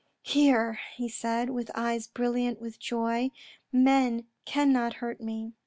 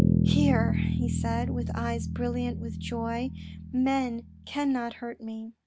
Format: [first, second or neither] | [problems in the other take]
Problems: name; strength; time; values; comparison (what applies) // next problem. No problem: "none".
first | background sound (Bass guitar); 2 dB above the speech